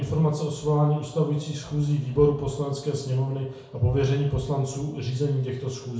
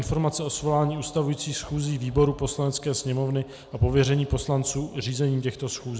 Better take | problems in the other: second | room echo; dies away in 0.6 s

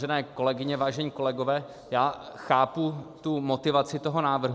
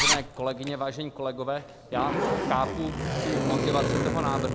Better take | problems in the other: first | background sound (Zipper (clothing)); 2 dB above the speech

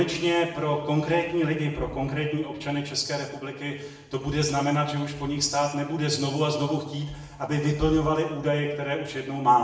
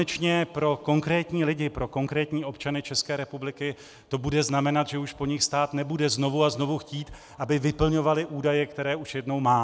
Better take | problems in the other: second | room echo; dies away in 0.9 s

